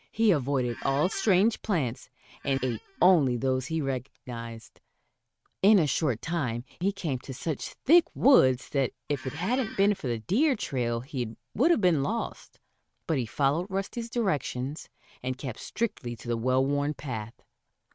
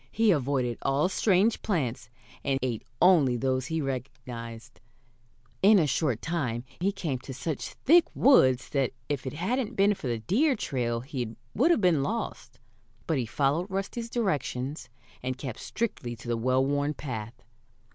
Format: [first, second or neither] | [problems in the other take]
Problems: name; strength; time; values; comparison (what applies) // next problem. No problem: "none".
second | noise reduction (neural mask model RNNoise)